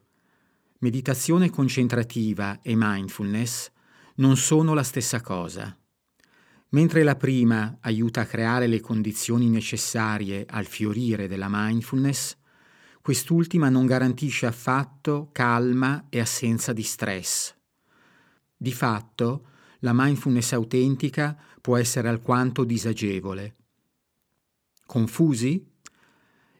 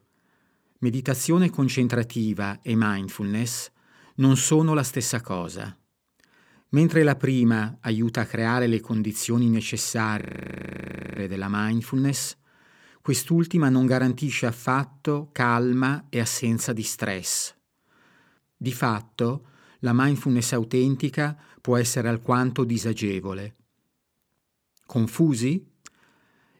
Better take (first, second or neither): first